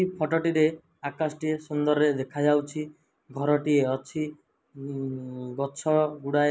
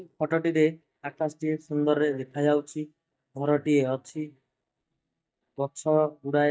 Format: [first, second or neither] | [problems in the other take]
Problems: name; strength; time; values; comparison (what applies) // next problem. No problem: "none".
first | noise reduction (neural mask model DeepFilterNet 3)